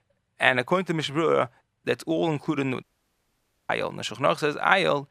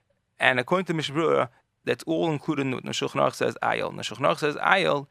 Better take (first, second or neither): second